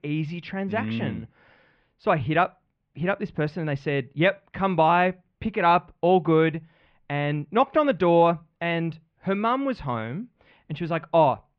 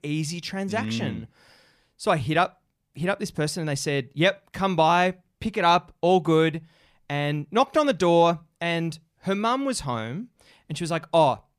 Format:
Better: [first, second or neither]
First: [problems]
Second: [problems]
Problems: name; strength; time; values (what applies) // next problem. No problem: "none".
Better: second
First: muffled; very; fading above 3 kHz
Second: none